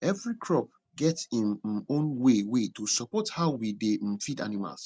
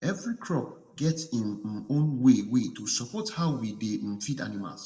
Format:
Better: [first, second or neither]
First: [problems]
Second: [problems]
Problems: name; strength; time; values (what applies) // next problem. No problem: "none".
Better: first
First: none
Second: room echo; dies away in 0.7 s